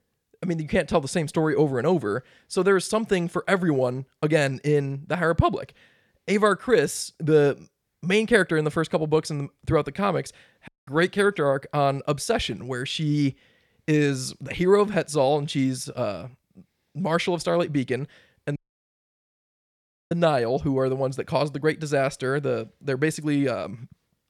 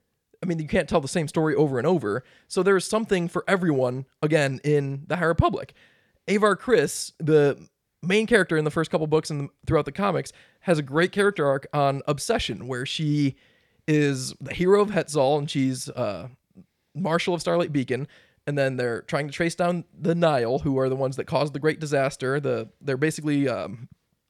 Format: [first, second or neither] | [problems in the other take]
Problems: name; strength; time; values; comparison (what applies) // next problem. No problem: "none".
second | audio cutting out; at 11 s and at 19 s for 1.5 s